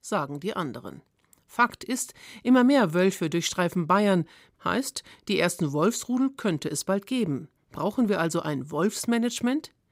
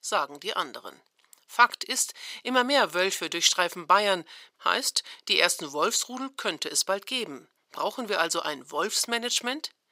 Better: first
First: none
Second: thin; very; fading below 650 Hz

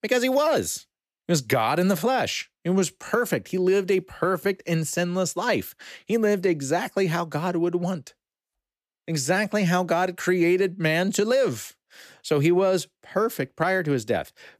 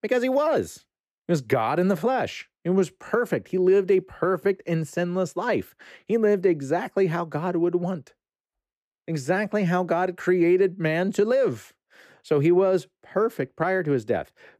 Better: first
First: none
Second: muffled; slightly; fading above 3 kHz

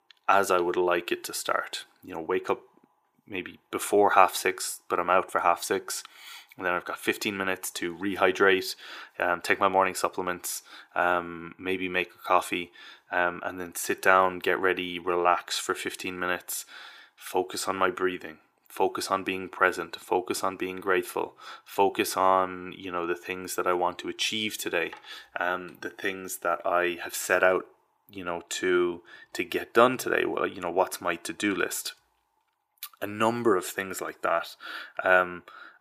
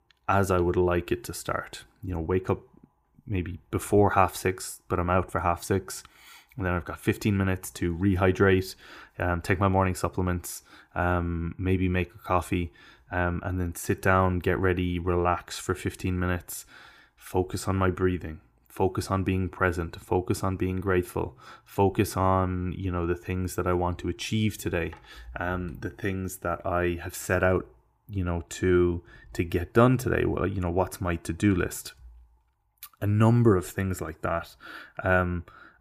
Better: second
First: thin; very; fading below 450 Hz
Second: none

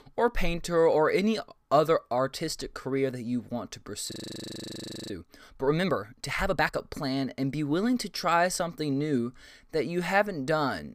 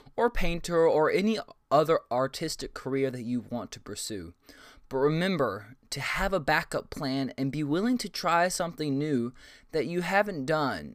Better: second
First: audio freezing; at 4 s for 1 s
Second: none

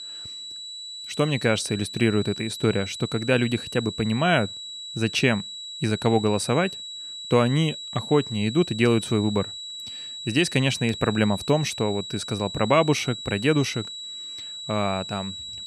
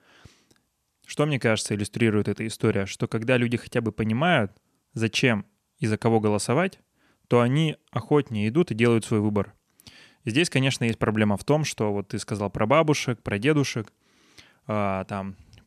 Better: second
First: high-pitched whine; loud; throughout; 4 kHz, 10 dB below the speech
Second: none

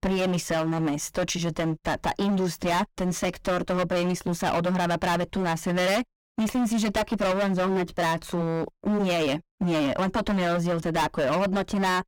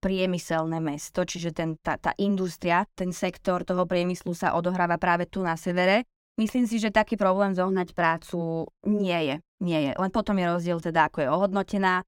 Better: second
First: distortion; heavy; 26% of the sound clipped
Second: none

